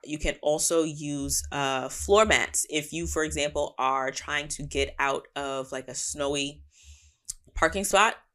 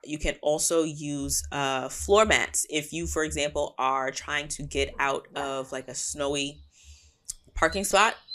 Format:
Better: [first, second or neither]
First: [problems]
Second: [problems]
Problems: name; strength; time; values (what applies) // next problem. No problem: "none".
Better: first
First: none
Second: animal sounds; noticeable; throughout; 15 dB below the speech